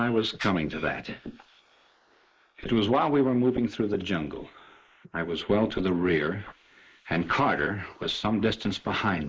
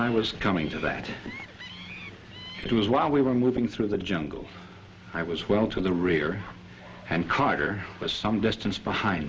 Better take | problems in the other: second | noise reduction (neural mask model Resemble Enhance denoiser)

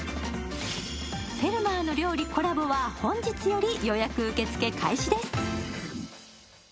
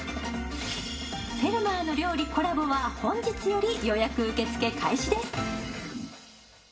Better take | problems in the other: first | room echo; dies away in 0.4 s

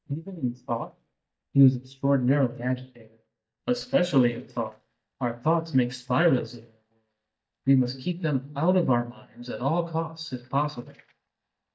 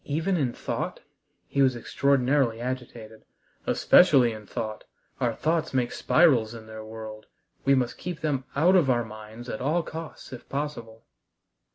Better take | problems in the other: second | noise reduction (neural mask model DeepFilterNet 3)

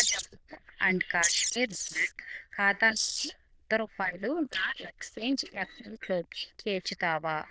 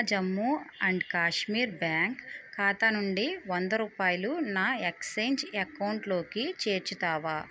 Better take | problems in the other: second | noise reduction (neural diffusion model UNIVERSE++)

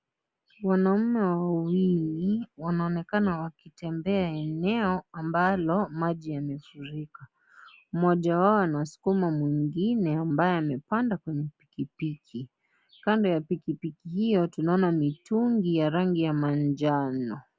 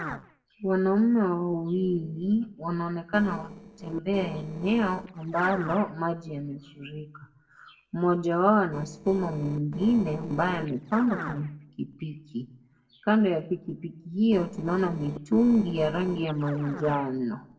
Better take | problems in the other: first | noise reduction (neural separator model SepFormer DNS4)

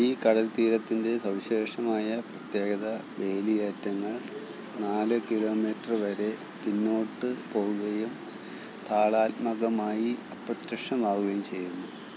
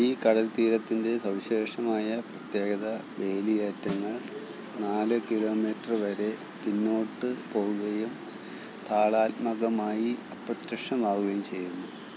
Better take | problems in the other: first | background sound (Snare drum); 18 dB below the speech

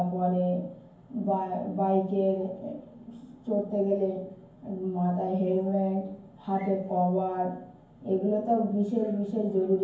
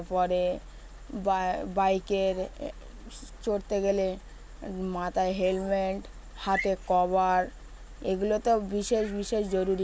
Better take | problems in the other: second | room echo; dies away in 0.9 s

